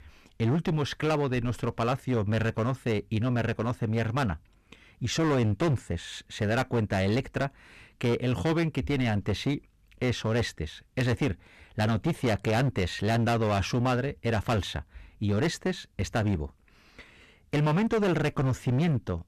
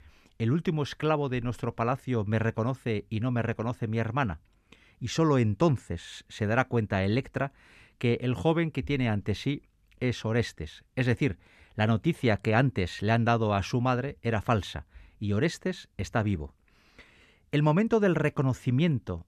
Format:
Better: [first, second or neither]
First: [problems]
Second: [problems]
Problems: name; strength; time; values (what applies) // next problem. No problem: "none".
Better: second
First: distortion; heavy; 14% of the sound clipped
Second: none